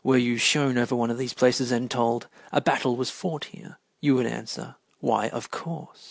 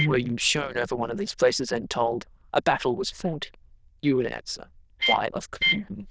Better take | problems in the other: first | noise reduction (neural diffusion model UNIVERSE++)

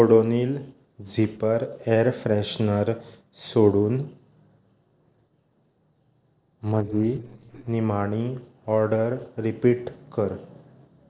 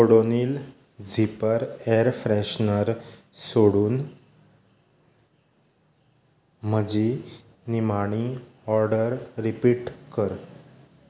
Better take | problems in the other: second | noise reduction (neural separator model SepFormer DNS4)

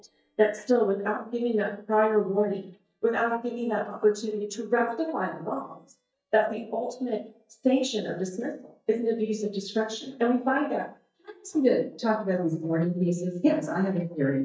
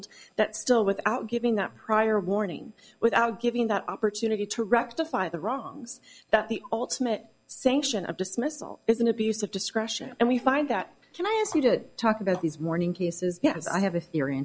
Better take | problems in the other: second | noise reduction (neural mask model DeepFilterNet 3)

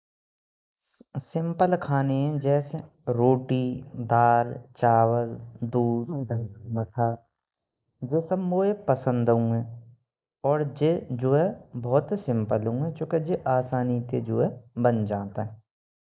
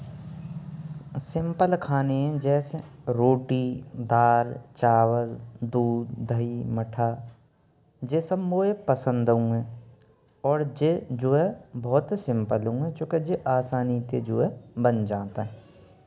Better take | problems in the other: second | noise reduction (neural mask model Resemble Enhance denoiser)

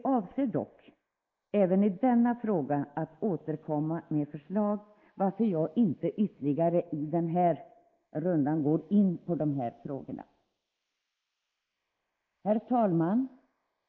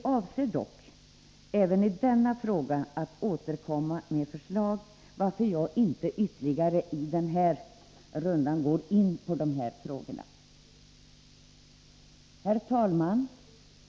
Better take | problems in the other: second | noise reduction (neural mask model Resemble Enhance denoiser)

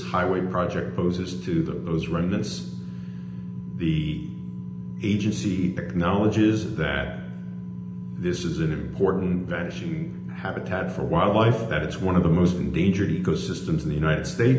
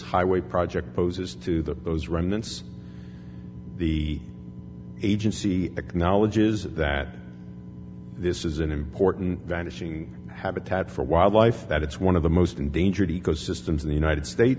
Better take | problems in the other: second | room echo; dies away in 0.8 s

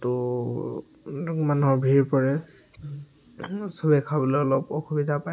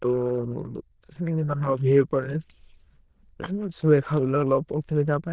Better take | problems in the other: first | noise reduction (neural diffusion model UNIVERSE++)

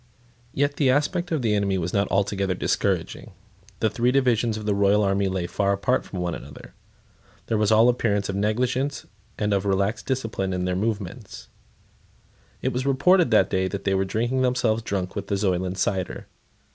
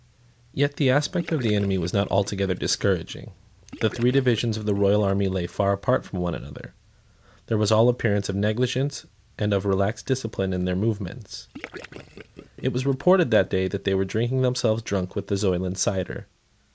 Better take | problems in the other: first | background sound (Gurgling / Liquid); 19 dB below the speech

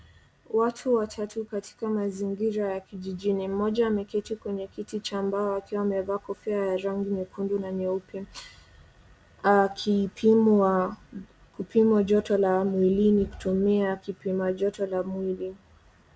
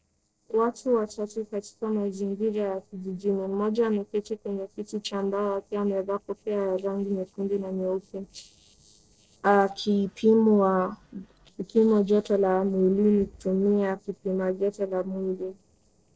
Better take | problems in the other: first | noise reduction (neural separator model SepFormer DNS4)

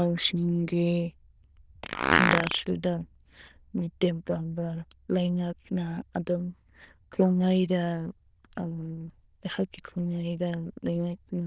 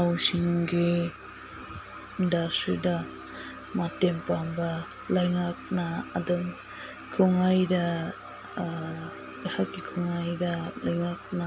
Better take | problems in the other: second | noise reduction (neural diffusion model UNIVERSE++)

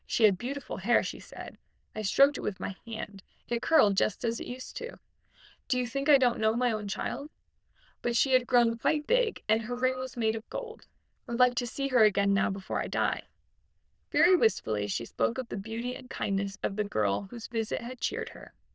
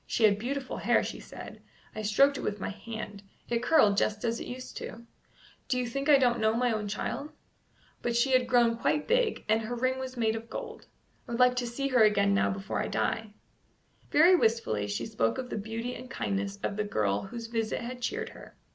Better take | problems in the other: second | noise reduction (neural diffusion model UNIVERSE++)

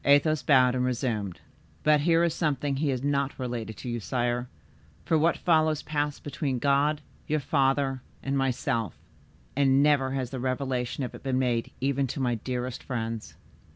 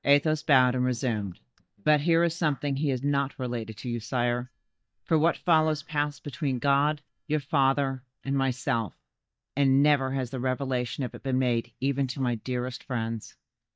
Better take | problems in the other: first | noise reduction (neural mask model DeepFilterNet 3)

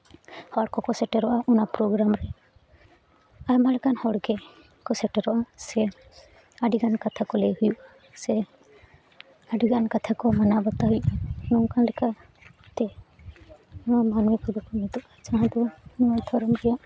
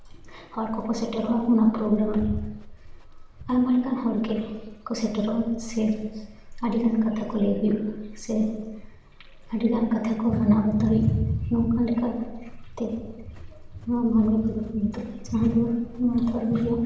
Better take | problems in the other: first | background sound (Livestock, farm animals, working animals); 16 dB below the speech // room echo; dies away in 0.9 s

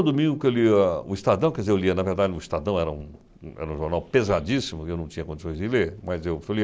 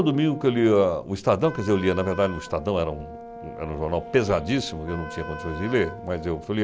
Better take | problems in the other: first | background sound (Wind instrument, woodwind instrument + Brass instrument); 15 dB below the speech

